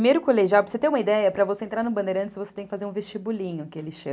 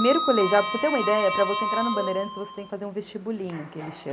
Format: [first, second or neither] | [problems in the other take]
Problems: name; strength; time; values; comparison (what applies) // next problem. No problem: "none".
first | background sound (Sliding door); 4 dB below the speech